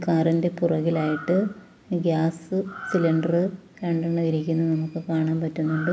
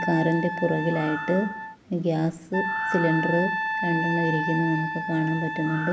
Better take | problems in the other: first | background sound (Wind instrument, woodwind instrument); 4 dB below the speech

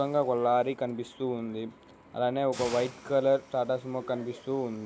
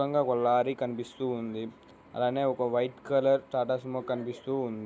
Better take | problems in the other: second | background sound (Hiss); 20 dB below the speech

